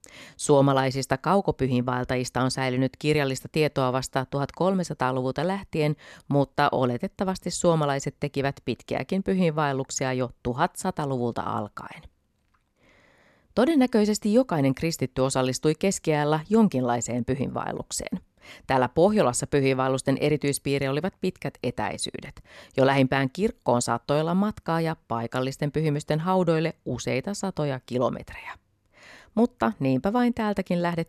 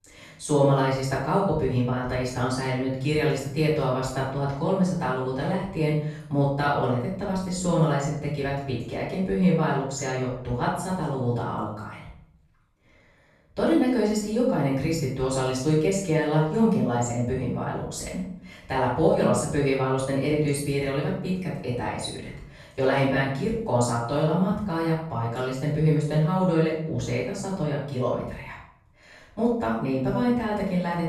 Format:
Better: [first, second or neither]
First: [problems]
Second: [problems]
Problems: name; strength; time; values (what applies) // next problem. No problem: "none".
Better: first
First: none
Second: off-mic speech; far // room echo; noticeable; dies away in 0.6 s